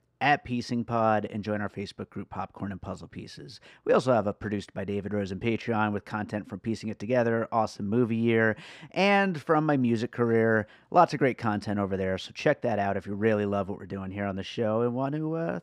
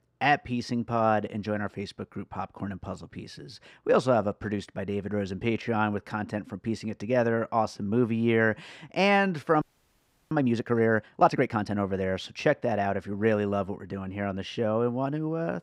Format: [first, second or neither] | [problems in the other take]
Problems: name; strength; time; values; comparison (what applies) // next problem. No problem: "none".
first | audio freezing; at 9.5 s for 0.5 s